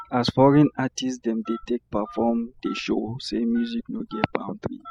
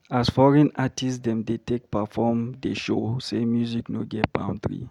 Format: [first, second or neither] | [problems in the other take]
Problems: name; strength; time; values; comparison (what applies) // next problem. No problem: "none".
second | noise reduction (classical method spectral subtraction)